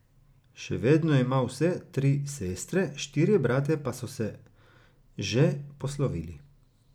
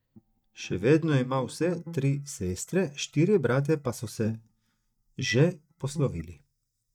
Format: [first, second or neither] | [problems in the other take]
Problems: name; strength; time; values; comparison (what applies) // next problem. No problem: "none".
first | noise reduction (neural mask model DeepFilterNet 3)